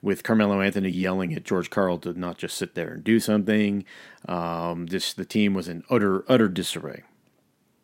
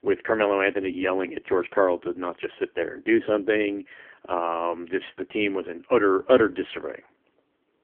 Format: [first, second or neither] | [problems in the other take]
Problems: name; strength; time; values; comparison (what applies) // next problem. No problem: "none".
first | phone-call audio; poor line; nothing above 3.5 kHz